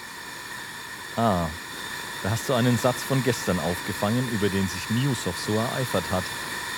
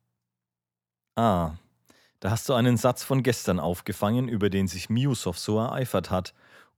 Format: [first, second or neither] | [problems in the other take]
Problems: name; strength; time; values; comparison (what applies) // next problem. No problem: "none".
second | hiss; loud; throughout; 6 dB below the speech